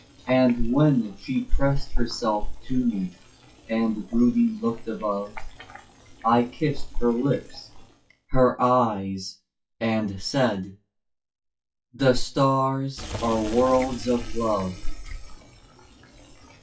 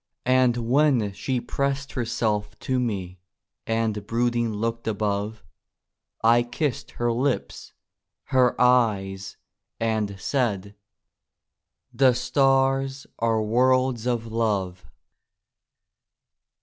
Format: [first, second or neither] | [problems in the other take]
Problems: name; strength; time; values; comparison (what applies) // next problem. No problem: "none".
second | noise reduction (classical method WPE with log-MMSE)